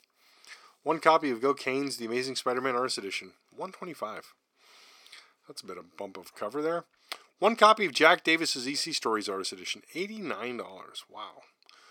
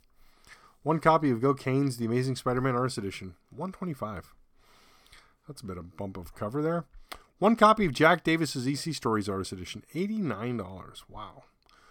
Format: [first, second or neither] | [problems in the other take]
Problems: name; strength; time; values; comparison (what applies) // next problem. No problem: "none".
second | thin; somewhat; fading below 400 Hz